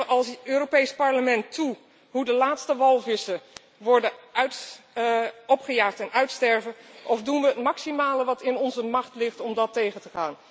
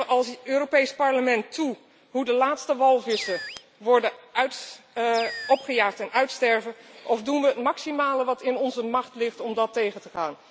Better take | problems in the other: first | background sound (Animal); 14 dB below the speech

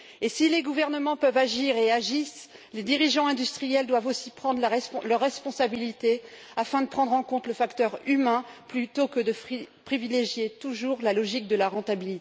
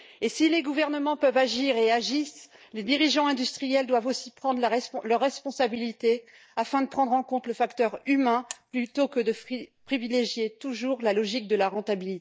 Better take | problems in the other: first | noise reduction (neural mask model DeepFilterNet 3)

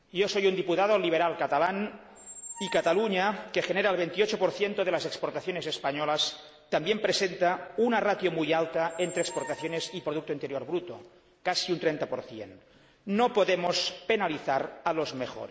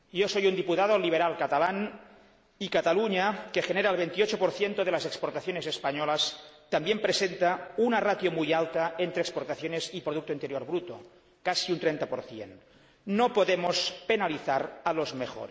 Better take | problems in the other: second | background sound (Squeak); 18 dB below the speech

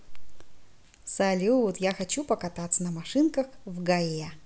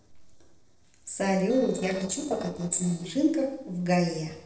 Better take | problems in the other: first | noise reduction (neural separator model SepFormer DNS4)

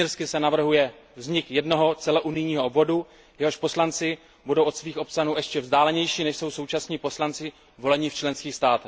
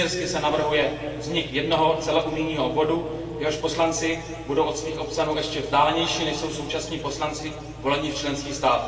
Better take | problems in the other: first | background sound (Engine); 16 dB below the speech // room echo; dies away in 2.5 s

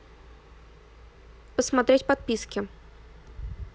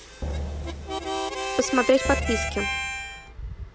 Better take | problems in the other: first | background sound (Drum + Harmonica); 2 dB below the speech

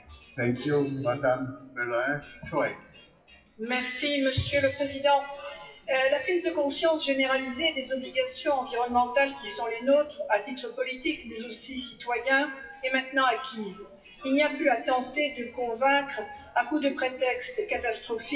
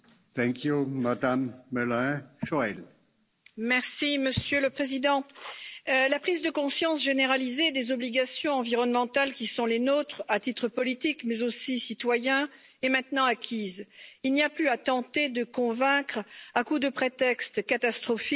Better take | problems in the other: second | noise reduction (classical method WPE with log-MMSE)

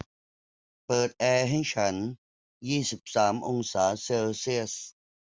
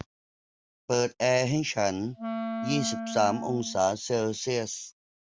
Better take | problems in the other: first | background sound (Wind instrument, woodwind instrument); 6 dB below the speech

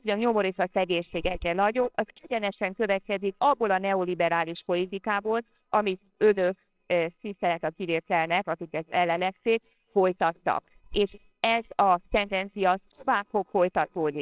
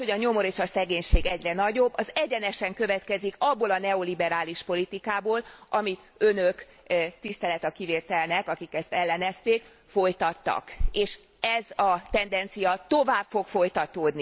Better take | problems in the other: second | noise reduction (neural separator model SepFormer WHAMR!)

